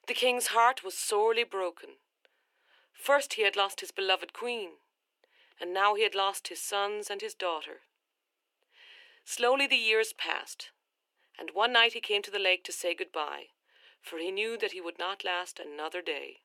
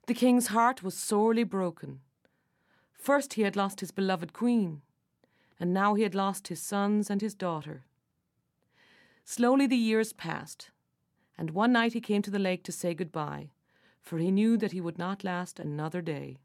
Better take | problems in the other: second | thin; very; fading below 350 Hz

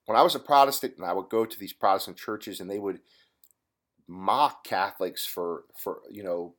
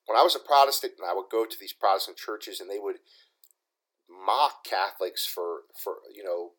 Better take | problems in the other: first | thin; very; fading below 350 Hz

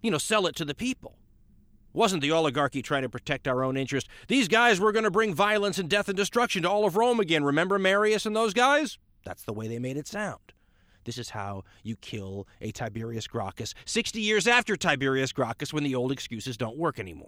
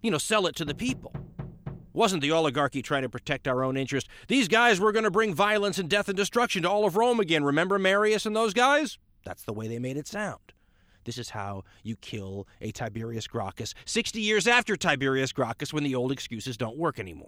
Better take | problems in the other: first | door banging; faint; from 0.5 to 2 s; peak 15 dB below the speech

